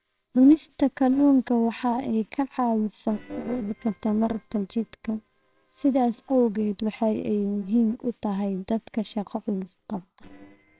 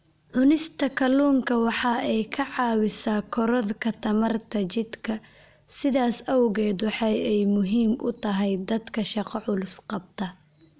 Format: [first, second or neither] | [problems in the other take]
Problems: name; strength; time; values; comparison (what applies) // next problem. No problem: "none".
second | noise reduction (neural separator model SepFormer WHAMR!)